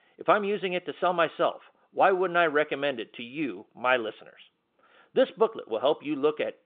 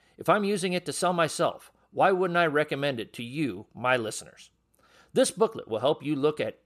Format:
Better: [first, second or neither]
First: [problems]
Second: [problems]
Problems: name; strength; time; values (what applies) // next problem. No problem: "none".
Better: second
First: phone-call audio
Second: none